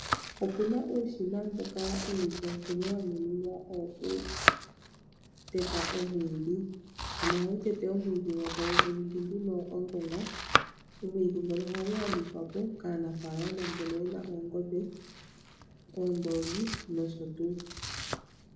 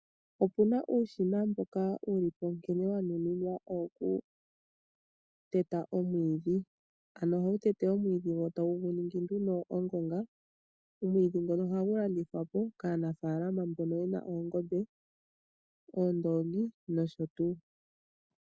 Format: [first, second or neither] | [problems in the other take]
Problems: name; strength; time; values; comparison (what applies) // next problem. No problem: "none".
second | background sound (Domestic sounds, home sounds); 3 dB below the speech // room echo; dies away in 0.7 s